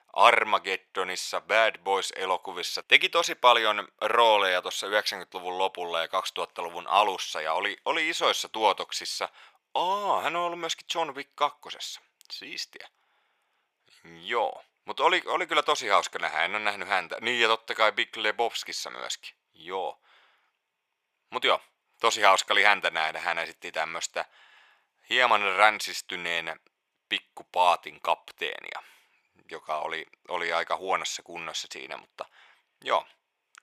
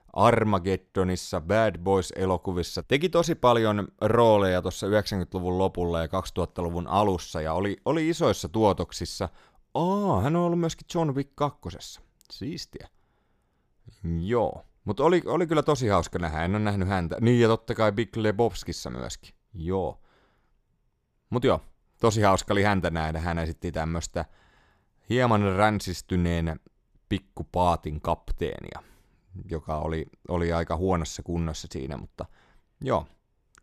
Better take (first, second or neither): second